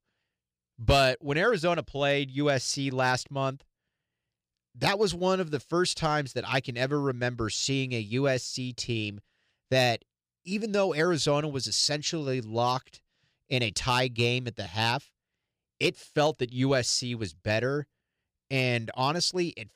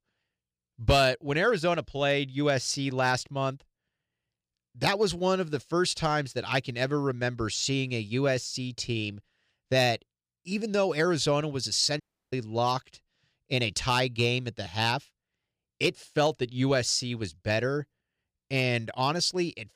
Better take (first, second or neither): first